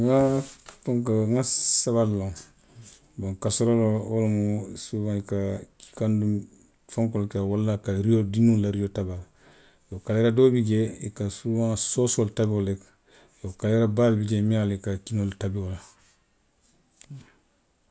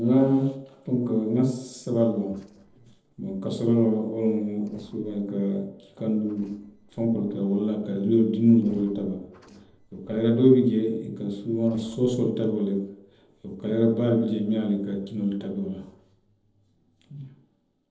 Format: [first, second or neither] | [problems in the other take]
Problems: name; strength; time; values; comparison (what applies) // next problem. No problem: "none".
first | noise reduction (neural separator model SepFormer DNS4)